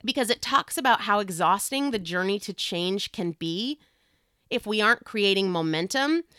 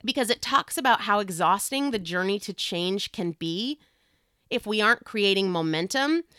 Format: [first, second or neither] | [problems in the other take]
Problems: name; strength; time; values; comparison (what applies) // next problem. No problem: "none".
neither | none